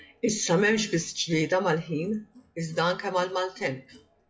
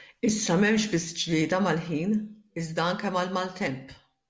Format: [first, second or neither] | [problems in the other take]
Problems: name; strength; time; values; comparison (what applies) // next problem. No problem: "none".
second | noise reduction (classical method WPE with log-MMSE)